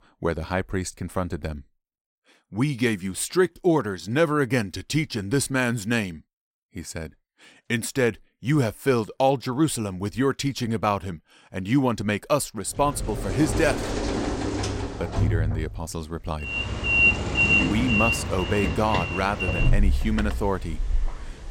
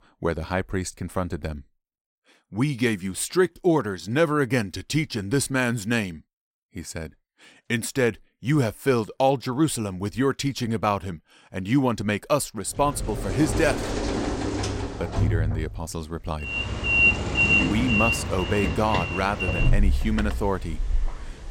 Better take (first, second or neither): neither